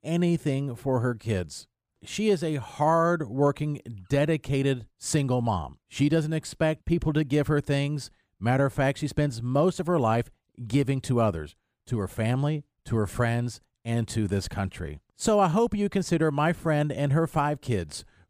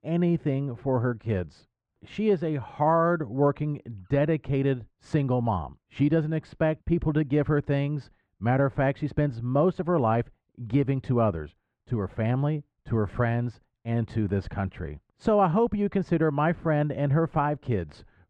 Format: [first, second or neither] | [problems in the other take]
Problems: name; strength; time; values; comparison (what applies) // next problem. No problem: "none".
first | muffled; very; fading above 2 kHz